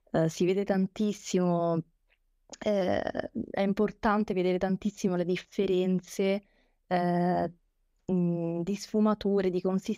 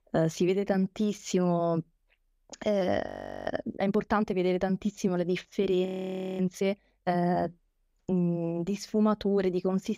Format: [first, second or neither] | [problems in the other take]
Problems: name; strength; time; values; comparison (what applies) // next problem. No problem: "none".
first | audio freezing; at 3 s and at 6 s for 0.5 s